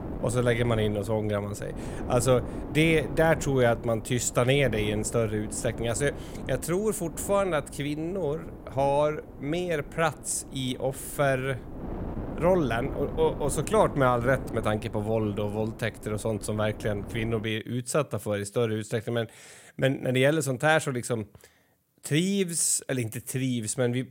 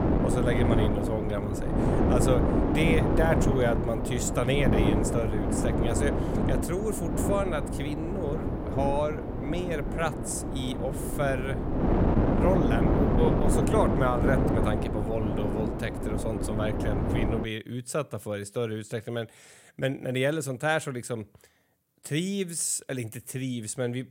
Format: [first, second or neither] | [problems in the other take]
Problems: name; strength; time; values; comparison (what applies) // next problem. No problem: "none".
first | wind noise on the microphone; heavy; until 17 s; 1 dB below the speech; occasional gusts in the first